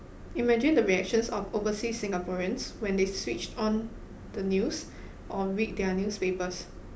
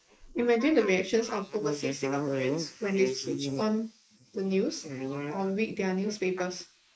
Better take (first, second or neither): first